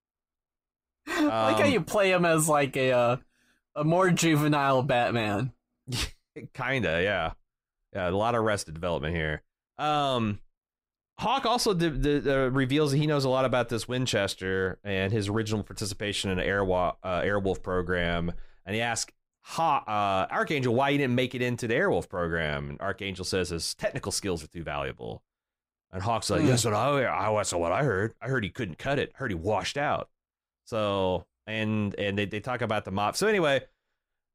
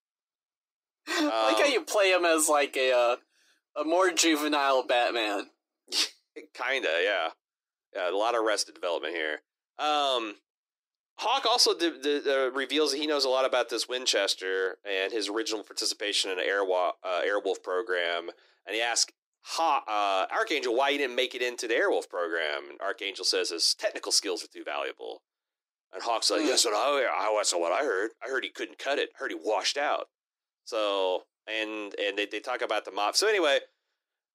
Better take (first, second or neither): first